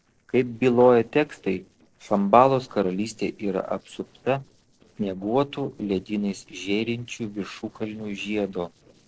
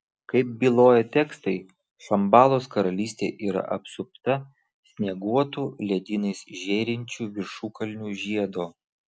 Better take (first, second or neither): second